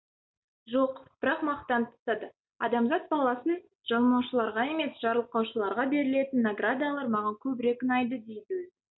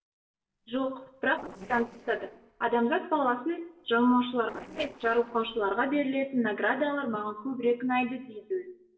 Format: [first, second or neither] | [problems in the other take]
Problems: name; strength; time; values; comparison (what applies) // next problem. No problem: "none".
first | noise reduction (neural separator model SepFormer DNS4)